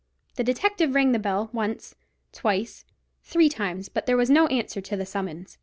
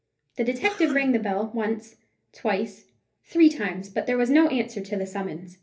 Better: first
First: none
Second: background sound (Cough); 15 dB below the speech // room echo; dies away in 0.3 s

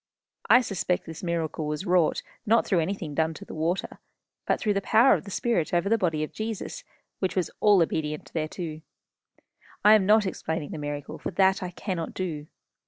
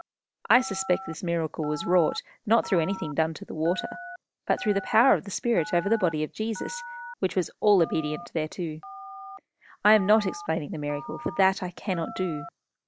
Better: first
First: none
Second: background sound (Telephone); 15 dB below the speech

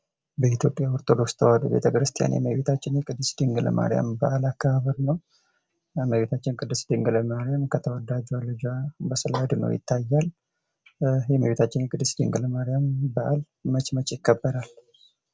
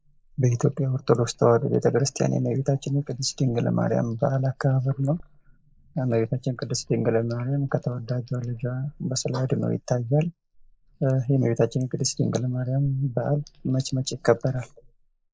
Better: first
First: none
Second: noise reduction (neural mask model Resemble Enhance denoiser)

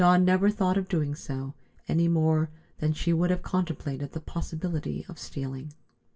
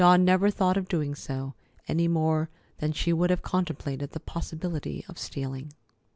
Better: second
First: room echo; dies away in 0.1 s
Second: none

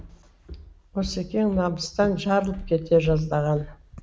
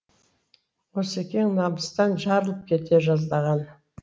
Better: second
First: background sound (Walk, footsteps); 15 dB below the speech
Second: none

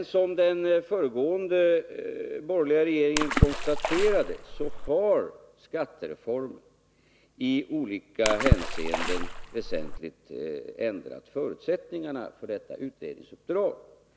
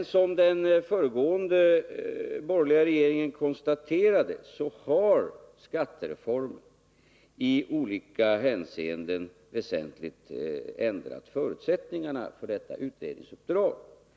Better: second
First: background sound (Water / Splash, splatter); 2 dB above the speech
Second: none

